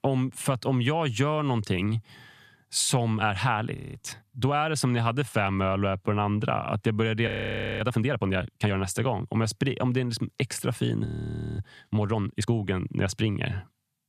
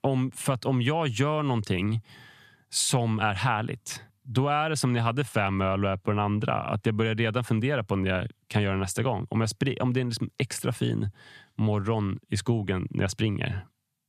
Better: second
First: audio freezing; at 4 s, at 7.5 s for 0.5 s and at 11 s for 0.5 s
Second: none

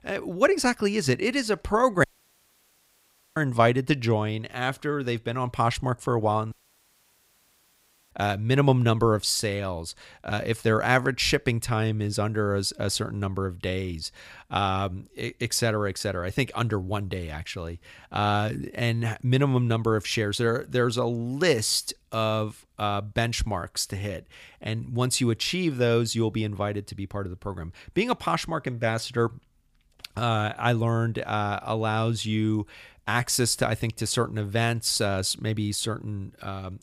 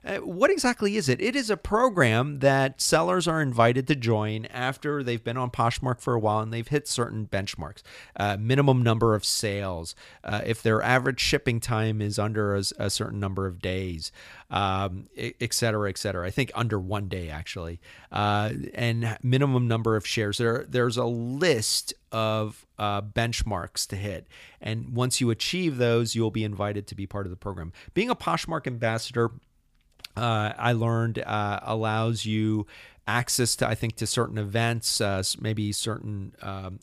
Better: second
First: audio cutting out; at 2 s for 1.5 s and at 6.5 s for 1.5 s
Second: none

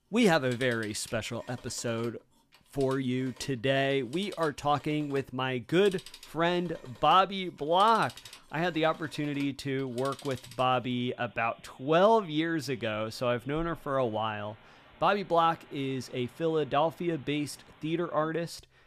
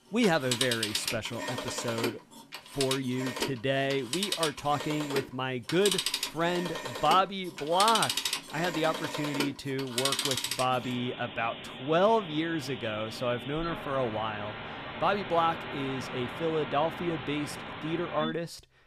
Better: first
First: alarms or sirens; faint; throughout; 20 dB below the speech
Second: alarms or sirens; loud; throughout; 4 dB below the speech

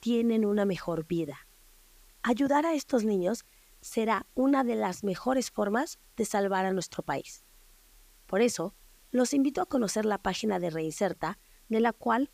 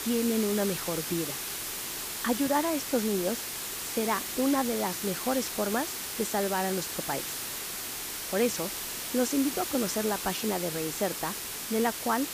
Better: first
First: hiss; faint; throughout; 30 dB below the speech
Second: hiss; loud; throughout; 3 dB below the speech

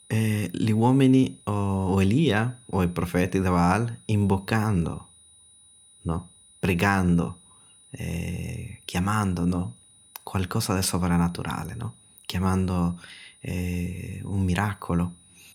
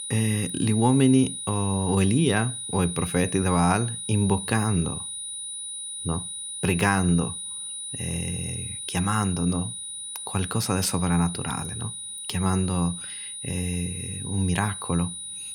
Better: first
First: high-pitched whine; faint; throughout; 9.5 kHz, 25 dB below the speech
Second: high-pitched whine; loud; throughout; 9.5 kHz, 7 dB below the speech

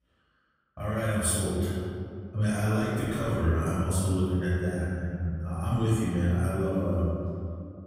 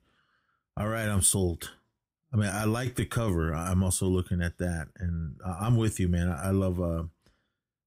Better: second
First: off-mic speech; far // room echo; strong; dies away in 2.2 s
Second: none

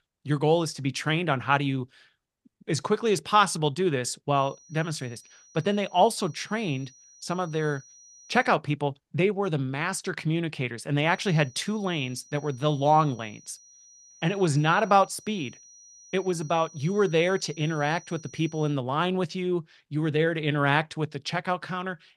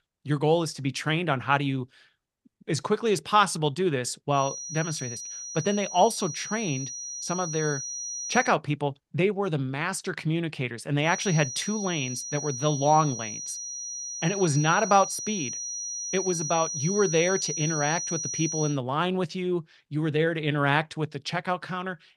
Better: first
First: high-pitched whine; faint; from 4.5 to 8.5 s and from 11 to 19 s; 6 kHz, 25 dB below the speech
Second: high-pitched whine; loud; from 4.5 to 8.5 s and from 11 to 19 s; 6 kHz, 5 dB below the speech

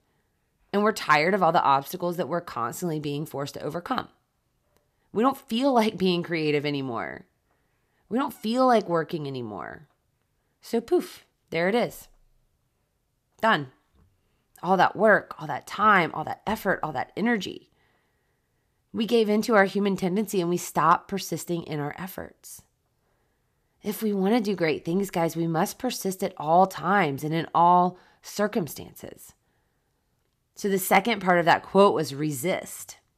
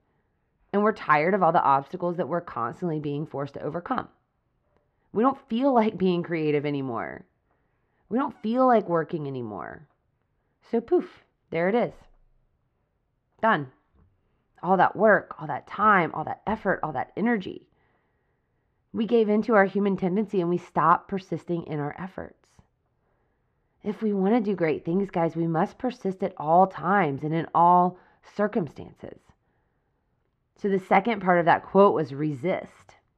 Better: first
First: none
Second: muffled; very; fading above 2 kHz

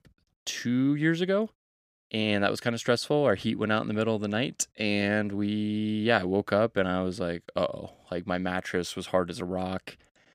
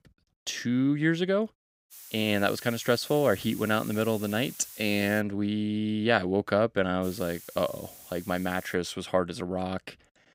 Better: first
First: none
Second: hiss; noticeable; from 2 to 5 s and from 7 to 8.5 s; 15 dB below the speech

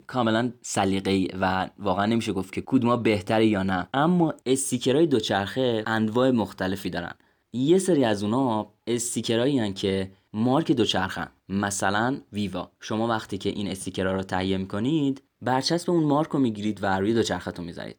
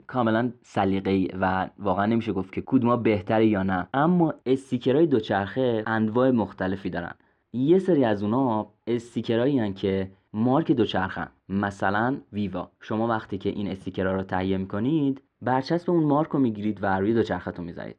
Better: first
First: none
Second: muffled; very; fading above 2 kHz

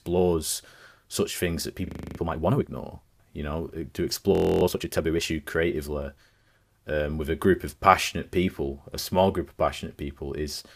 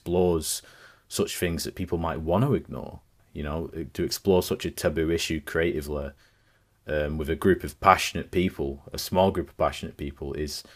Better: second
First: audio freezing; at 2 s and at 4.5 s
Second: none

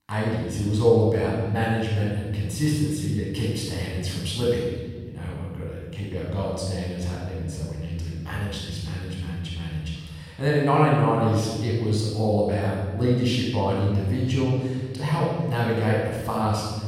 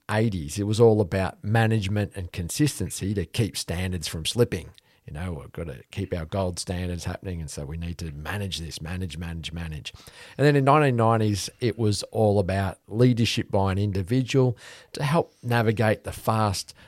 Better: second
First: room echo; strong; dies away in 1.5 s // off-mic speech; far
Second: none

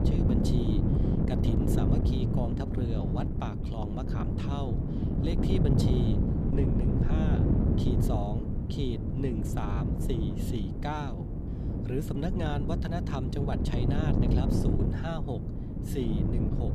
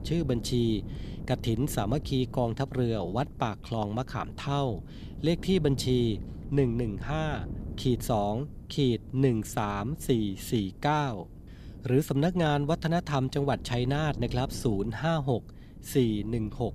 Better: second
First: wind noise on the microphone; heavy; 1 dB above the speech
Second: wind noise on the microphone; occasional gusts; 20 dB below the speech

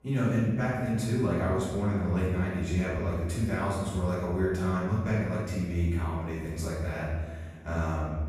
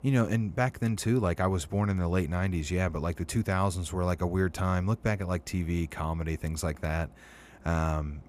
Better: second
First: off-mic speech; far // room echo; strong; dies away in 1.3 s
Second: none

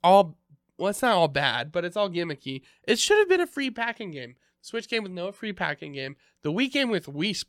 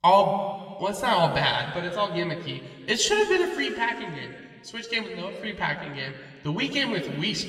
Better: first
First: none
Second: room echo; slight; dies away in 2 s

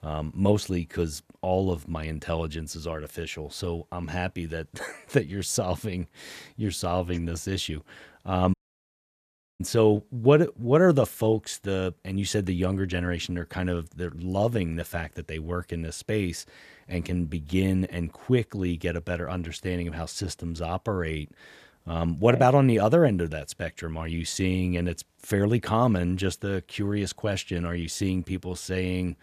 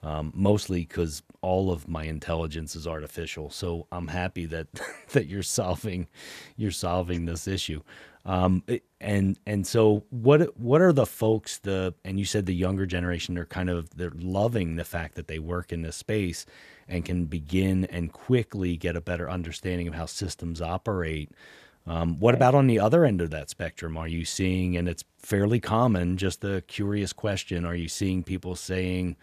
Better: second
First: audio cutting out; at 8.5 s for 1 s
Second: none

